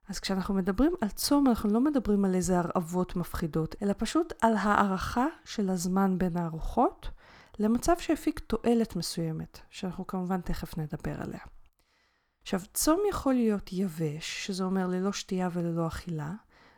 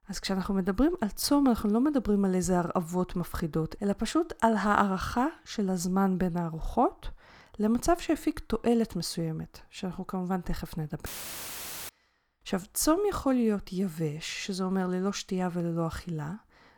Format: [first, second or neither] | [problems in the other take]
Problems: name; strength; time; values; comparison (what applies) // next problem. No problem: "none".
first | audio cutting out; filled with static; at 11 s for 1 s